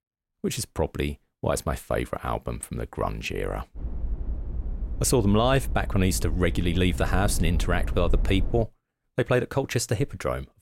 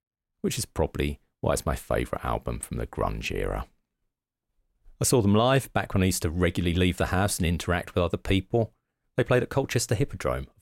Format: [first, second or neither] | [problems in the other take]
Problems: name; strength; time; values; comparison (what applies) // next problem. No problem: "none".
second | low rumble; noticeable; from 4 to 8.5 s; 20 dB below the speech